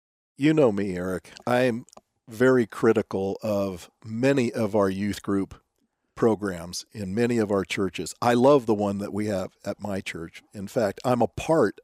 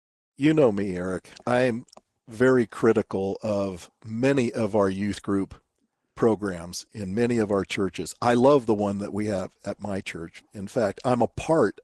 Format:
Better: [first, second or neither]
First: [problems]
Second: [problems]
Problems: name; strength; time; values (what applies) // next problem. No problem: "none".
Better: first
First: none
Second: garbled, watery; slightly